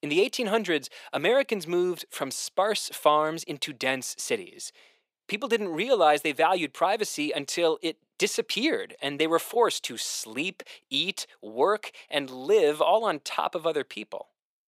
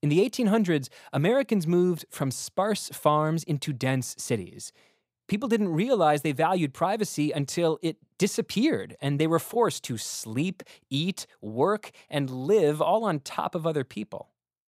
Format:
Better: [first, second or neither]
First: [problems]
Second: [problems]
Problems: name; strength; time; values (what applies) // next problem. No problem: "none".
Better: second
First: thin; somewhat; fading below 450 Hz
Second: none